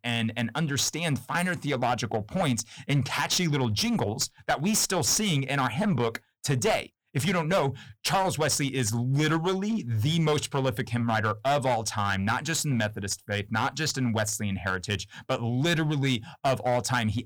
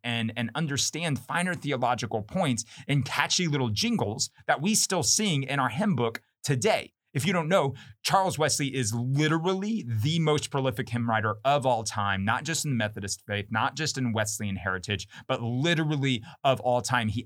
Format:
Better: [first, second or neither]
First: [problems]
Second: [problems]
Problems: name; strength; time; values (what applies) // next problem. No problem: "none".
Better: second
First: distortion; slight; 10% of the sound clipped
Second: none